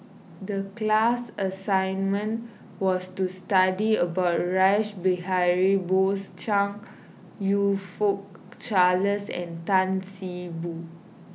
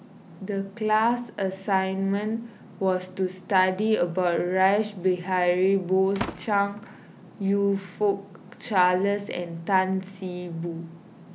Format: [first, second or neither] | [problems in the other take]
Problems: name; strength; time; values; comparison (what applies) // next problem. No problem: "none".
first | background sound (Slam); 14 dB below the speech